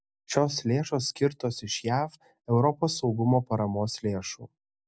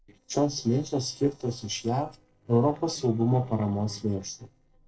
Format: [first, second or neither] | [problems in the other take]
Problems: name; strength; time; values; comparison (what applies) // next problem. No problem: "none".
first | noise reduction (neural separator model SepFormer DNS4)